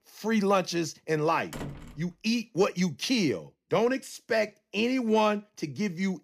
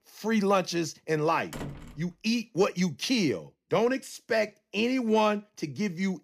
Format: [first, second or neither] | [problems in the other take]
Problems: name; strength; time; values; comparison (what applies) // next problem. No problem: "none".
neither | door banging; faint; at 1.5 s; peak 10 dB below the speech; the same in both